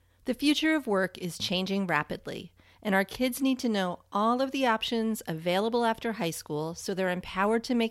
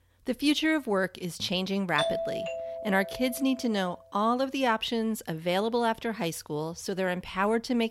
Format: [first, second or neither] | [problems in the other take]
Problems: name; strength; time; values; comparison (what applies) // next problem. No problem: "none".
first | doorbell; noticeable; from 2 to 3.5 s; peak 1 dB below the speech